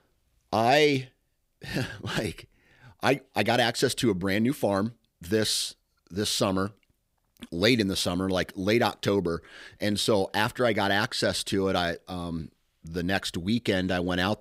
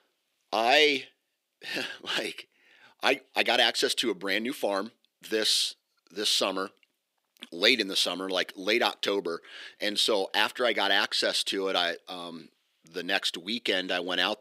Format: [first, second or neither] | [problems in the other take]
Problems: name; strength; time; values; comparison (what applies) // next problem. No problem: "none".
first | thin; somewhat; fading below 300 Hz